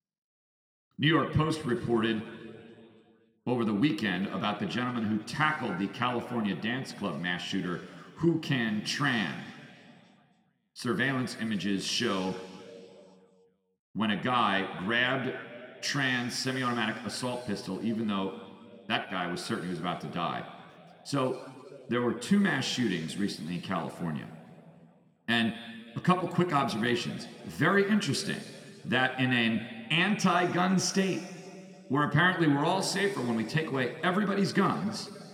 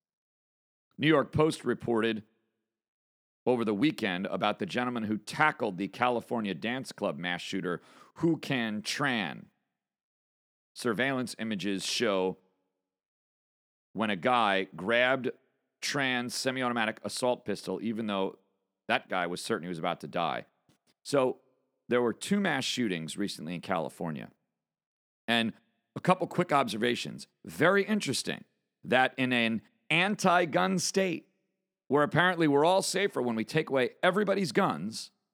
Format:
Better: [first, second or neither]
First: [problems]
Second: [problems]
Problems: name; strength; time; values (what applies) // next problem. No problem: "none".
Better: second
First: room echo; slight; dies away in 2.1 s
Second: none